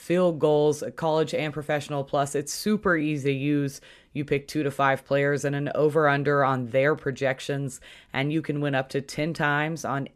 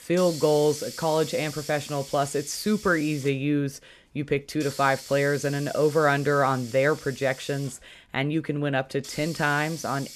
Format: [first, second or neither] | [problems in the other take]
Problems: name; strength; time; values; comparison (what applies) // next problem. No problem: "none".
first | hiss; noticeable; throughout; 15 dB below the speech